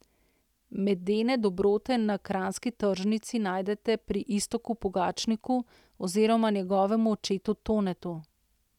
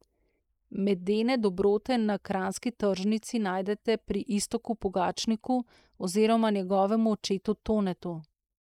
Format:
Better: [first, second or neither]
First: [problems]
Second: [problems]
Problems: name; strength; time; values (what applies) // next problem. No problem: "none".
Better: first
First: none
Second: noise reduction (neural mask model Resemble Enhance denoiser)